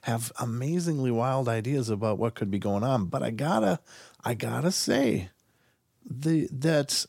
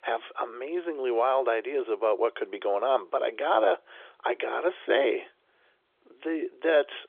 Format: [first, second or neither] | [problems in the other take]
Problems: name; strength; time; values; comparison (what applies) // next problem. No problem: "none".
first | phone-call audio; nothing above 3.5 kHz